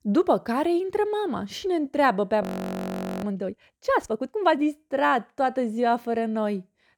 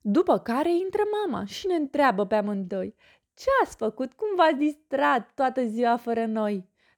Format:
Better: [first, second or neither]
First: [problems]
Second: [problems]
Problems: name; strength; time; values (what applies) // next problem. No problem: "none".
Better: second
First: audio freezing; at 2.5 s for 1 s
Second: none